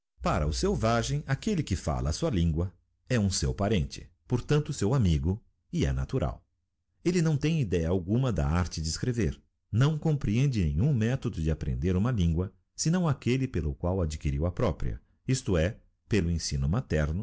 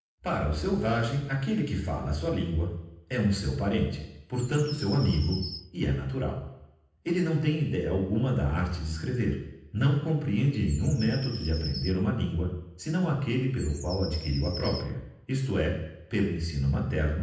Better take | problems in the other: first | background sound (Bird vocalization, bird call, bird song); 16 dB below the speech // room echo; dies away in 0.9 s

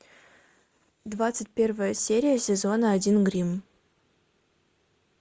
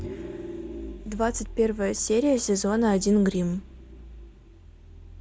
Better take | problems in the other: first | background sound (Vehicle); 13 dB below the speech

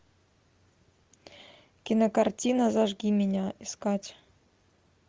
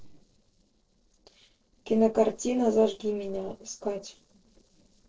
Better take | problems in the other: first | noise reduction (neural separator model SepFormer DNS4)

